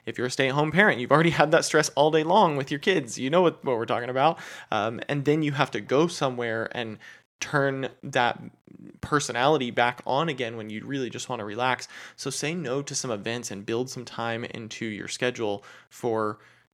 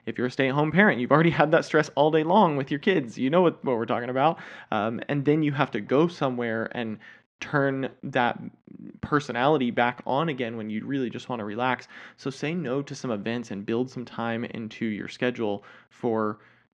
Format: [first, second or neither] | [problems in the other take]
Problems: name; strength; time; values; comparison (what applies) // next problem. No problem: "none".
first | muffled; slightly; fading above 3 kHz